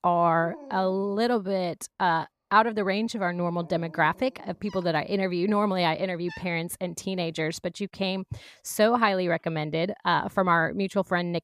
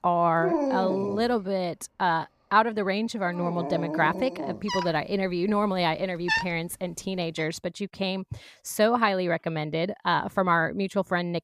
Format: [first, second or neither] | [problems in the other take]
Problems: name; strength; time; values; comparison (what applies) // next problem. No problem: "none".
first | animal sounds; loud; until 7.5 s; 4 dB below the speech; faint in the first